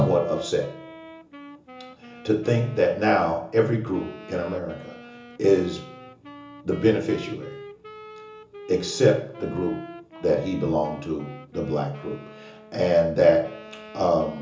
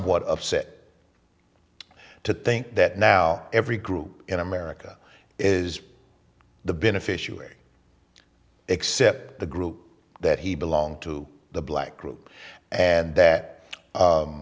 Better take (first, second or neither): second